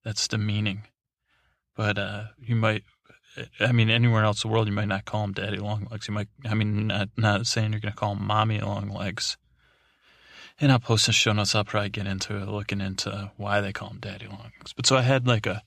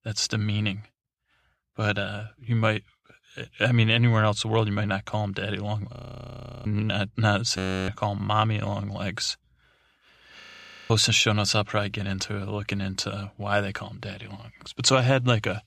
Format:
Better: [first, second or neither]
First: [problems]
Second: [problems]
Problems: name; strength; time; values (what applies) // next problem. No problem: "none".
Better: first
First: none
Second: audio freezing; at 6 s for 0.5 s, at 7.5 s and at 10 s